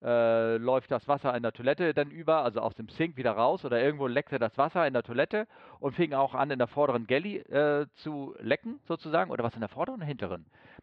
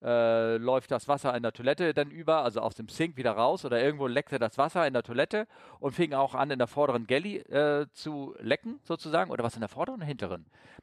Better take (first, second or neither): second